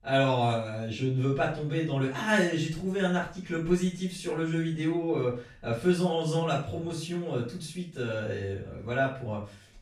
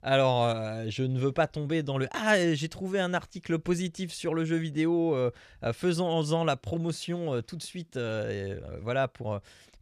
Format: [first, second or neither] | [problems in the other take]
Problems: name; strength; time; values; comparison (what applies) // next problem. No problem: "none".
second | off-mic speech; far // room echo; noticeable; dies away in 0.4 s